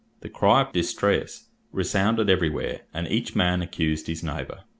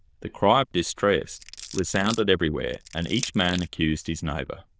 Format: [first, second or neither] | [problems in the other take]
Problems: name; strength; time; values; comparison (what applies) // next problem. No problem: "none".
first | noise reduction (neural diffusion model UNIVERSE++)